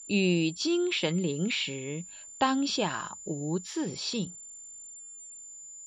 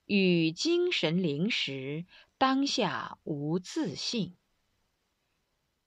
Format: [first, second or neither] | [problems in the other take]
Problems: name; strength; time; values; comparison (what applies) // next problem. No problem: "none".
second | high-pitched whine; noticeable; throughout; 7 kHz, 15 dB below the speech